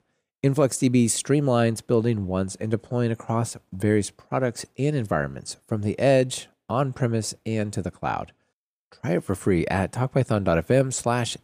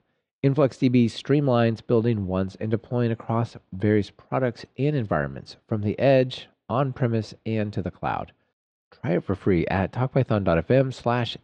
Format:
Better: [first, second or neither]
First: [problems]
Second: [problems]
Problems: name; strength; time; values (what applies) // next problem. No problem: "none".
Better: first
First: none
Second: muffled; slightly; fading above 4 kHz